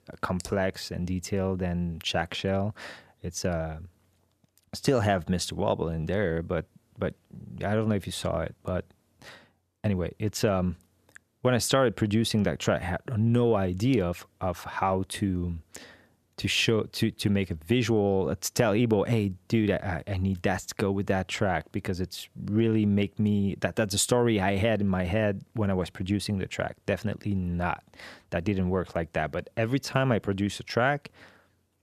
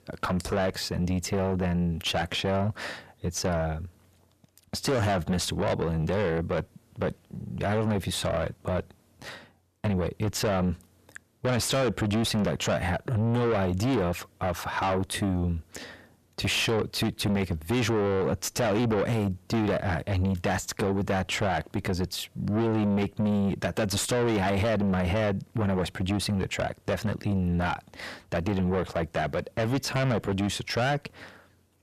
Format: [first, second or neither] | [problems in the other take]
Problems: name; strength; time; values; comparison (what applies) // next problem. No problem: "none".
first | distortion; heavy; 6 dB below the speech